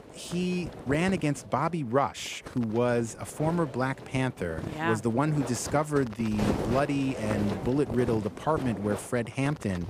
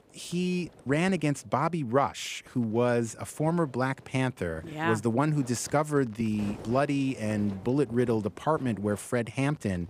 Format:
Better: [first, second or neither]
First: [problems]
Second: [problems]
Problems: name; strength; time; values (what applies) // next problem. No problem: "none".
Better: second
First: wind noise on the microphone; heavy; 9 dB below the speech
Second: wind noise on the microphone; occasional gusts; 20 dB below the speech